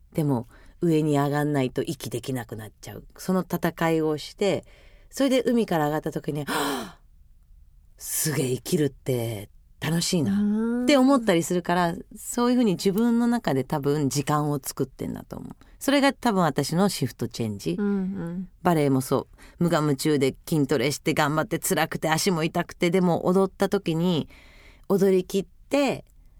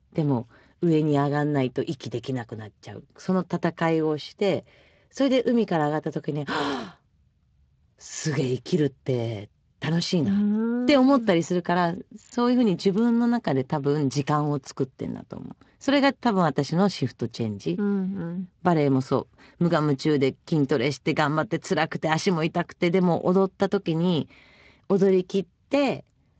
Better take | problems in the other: first | garbled, watery; slightly; nothing above 7.5 kHz

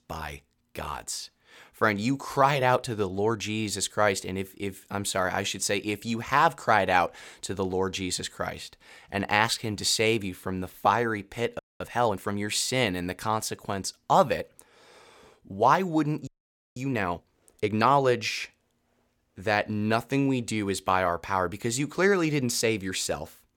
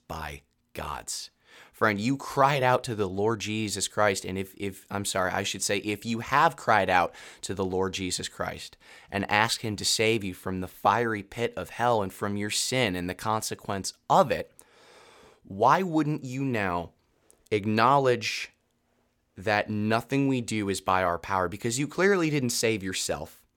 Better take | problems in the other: second | audio freezing; at 12 s and at 16 s

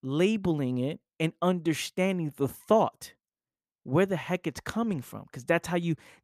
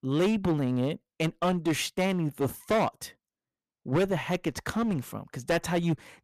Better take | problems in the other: first | distortion; heavy; 10% of the sound clipped

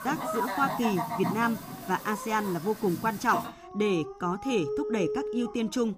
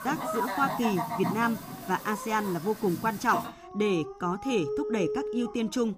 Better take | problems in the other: neither | animal sounds; loud; throughout; 6 dB below the speech; the same in both

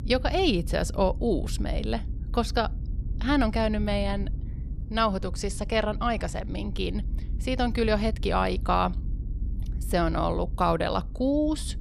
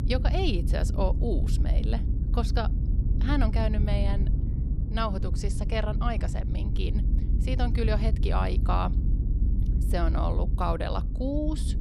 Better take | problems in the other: first | low rumble; loud; throughout; 10 dB below the speech; faint in the first

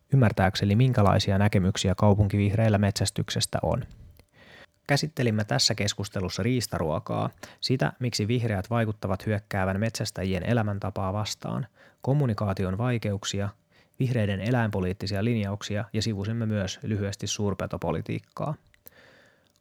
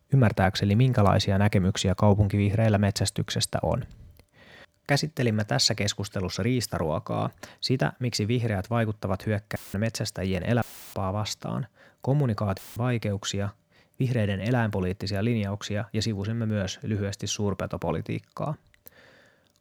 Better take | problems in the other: first | audio cutting out; filled with static; at 9.5 s, at 11 s and at 13 s

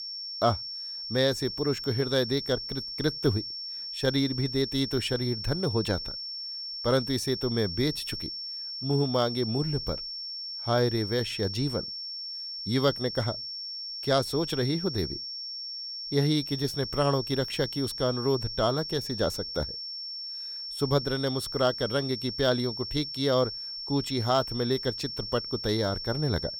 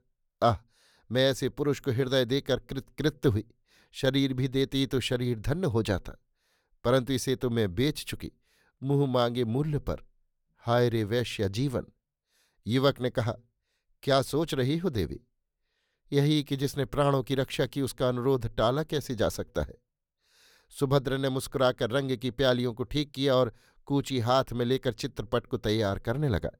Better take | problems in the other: second | high-pitched whine; loud; throughout; 5.5 kHz, 5 dB below the speech

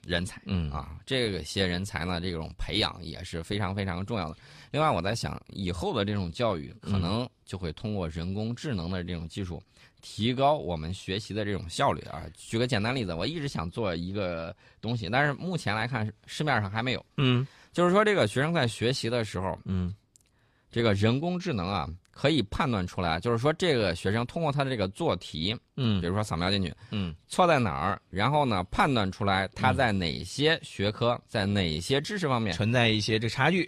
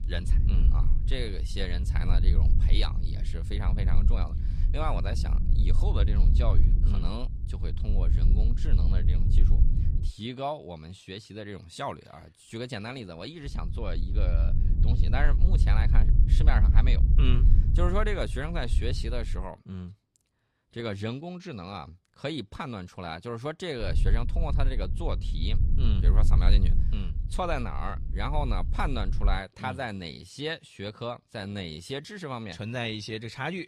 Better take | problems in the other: first | low rumble; loud; until 10 s, from 13 to 19 s and from 24 to 29 s; 9 dB below the speech

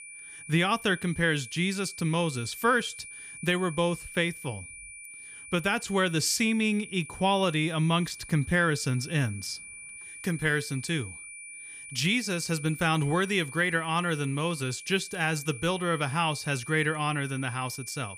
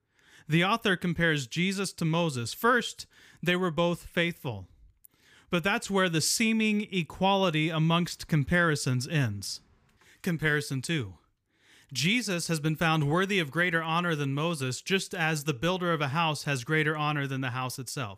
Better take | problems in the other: second | high-pitched whine; noticeable; throughout; 2.5 kHz, 15 dB below the speech

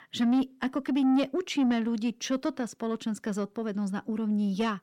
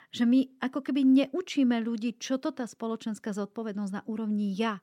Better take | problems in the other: second | distortion; slight; 10 dB below the speech

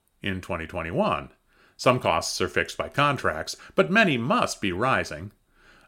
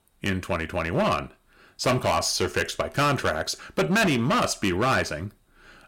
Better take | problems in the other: first | distortion; heavy; 10% of the sound clipped

